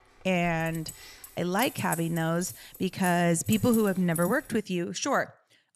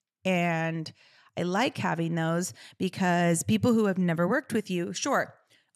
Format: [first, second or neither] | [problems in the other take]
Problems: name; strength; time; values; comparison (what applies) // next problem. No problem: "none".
second | jangling keys; noticeable; until 4.5 s; peak 8 dB below the speech